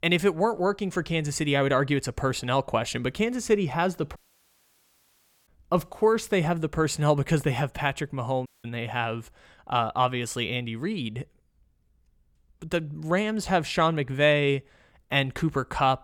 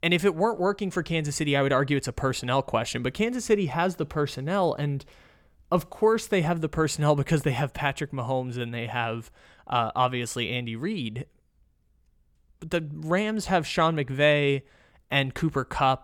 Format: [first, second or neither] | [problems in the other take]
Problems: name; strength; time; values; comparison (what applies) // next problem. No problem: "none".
second | audio cutting out; at 4 s for 1.5 s and at 8.5 s